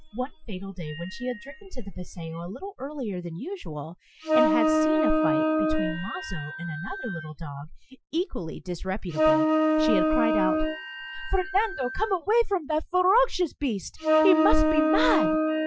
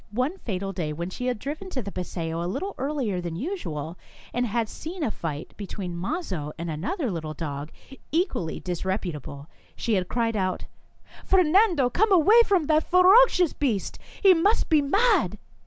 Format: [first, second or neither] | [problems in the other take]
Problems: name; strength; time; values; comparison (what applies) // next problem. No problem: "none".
second | noise reduction (classical method Wiener filter)